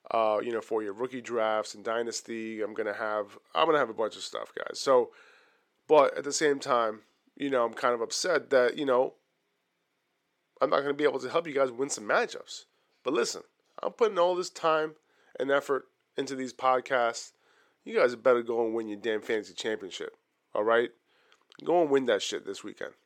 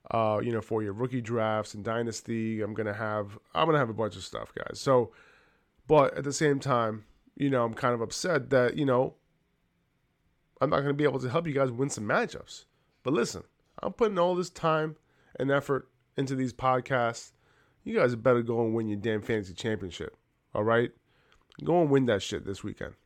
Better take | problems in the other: second | thin; somewhat; fading below 400 Hz

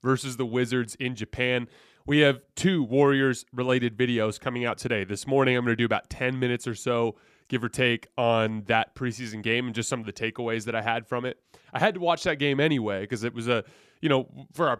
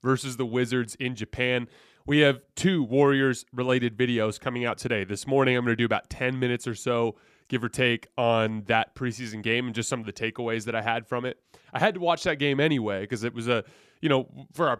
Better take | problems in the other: neither | none

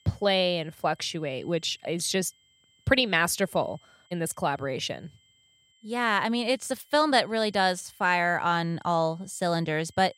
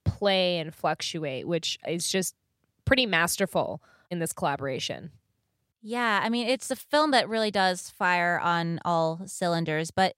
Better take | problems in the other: second | high-pitched whine; faint; throughout; 3 kHz, 35 dB below the speech

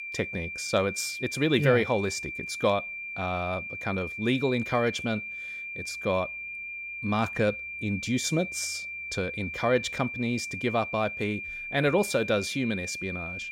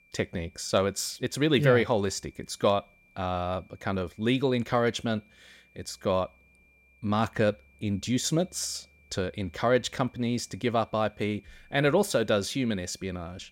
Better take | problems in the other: second | high-pitched whine; loud; throughout; 2.5 kHz, 6 dB below the speech; faint in the second

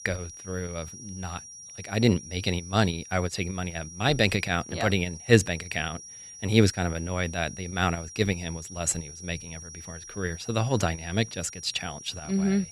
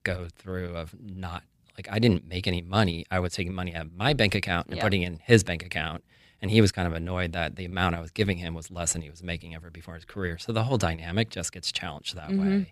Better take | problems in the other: second | high-pitched whine; noticeable; throughout; 5.5 kHz, 15 dB below the speech

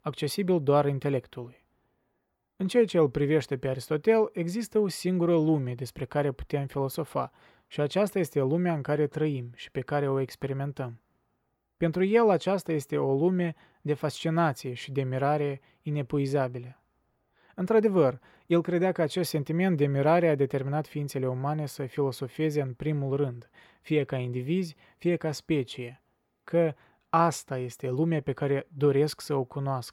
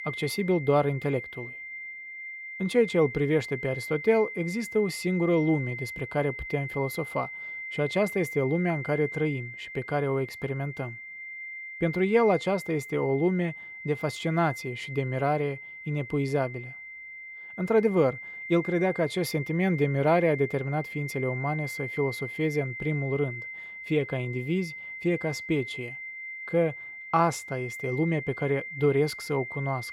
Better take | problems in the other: first | high-pitched whine; loud; throughout; 2 kHz, 9 dB below the speech

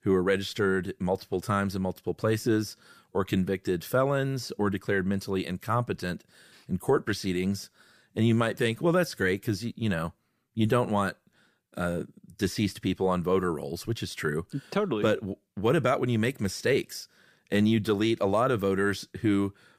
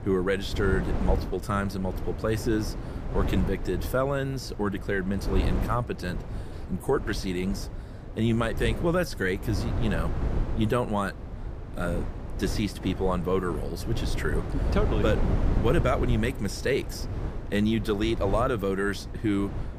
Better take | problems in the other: first | wind noise on the microphone; occasional gusts; 10 dB below the speech

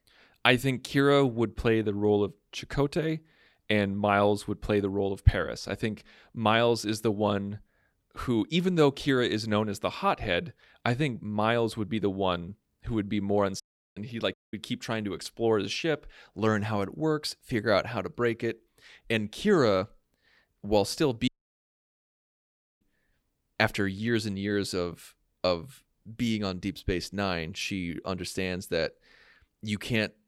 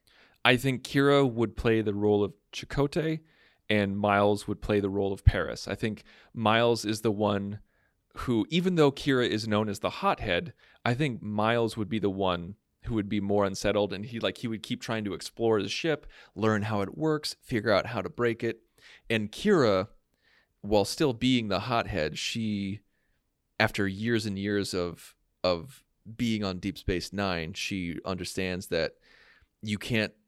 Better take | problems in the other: second | audio cutting out; at 14 s and at 21 s for 1.5 s

